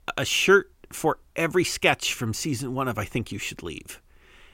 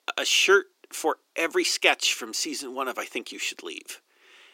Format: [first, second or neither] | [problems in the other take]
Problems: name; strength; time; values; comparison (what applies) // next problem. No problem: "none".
first | thin; somewhat; fading below 300 Hz